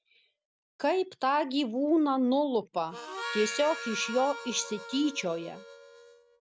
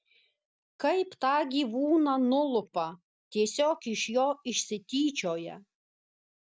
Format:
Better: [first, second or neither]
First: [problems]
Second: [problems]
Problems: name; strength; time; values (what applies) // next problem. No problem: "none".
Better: second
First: background sound (Harmonica); 10 dB below the speech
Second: none